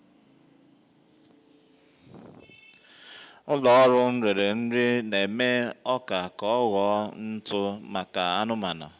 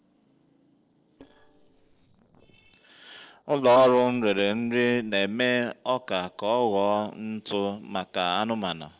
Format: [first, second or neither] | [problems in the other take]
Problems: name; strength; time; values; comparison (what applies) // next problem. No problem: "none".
first | noise reduction (neural separator model SepFormer DNS4)